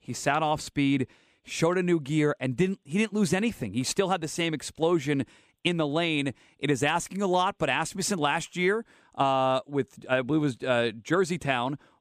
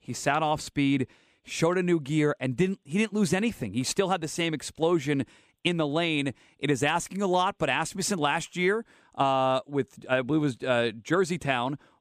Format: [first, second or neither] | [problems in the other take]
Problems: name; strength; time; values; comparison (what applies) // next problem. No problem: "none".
neither | none